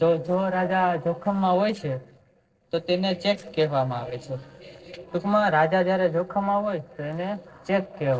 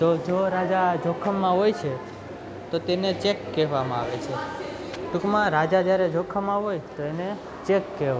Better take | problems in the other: second | noise reduction (neural separator model SepFormer DNS4)

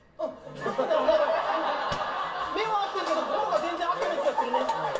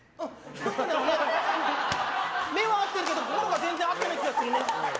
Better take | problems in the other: second | room echo; dies away in 0.1 s

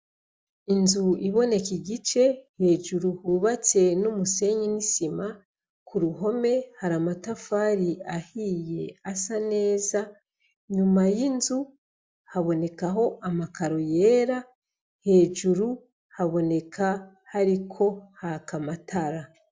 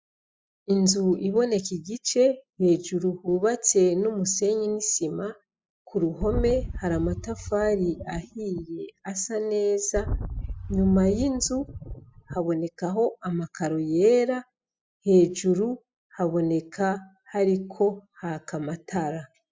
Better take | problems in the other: first | noise reduction (classical method spectral subtraction)

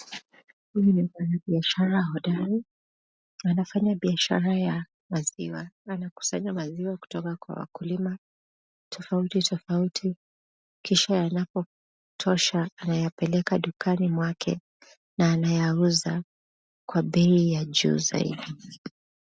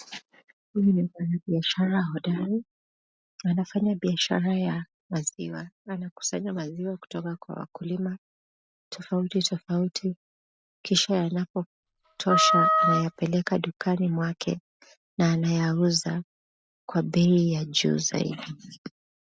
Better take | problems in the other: first | background sound (Wind instrument, woodwind instrument); 3 dB above the speech

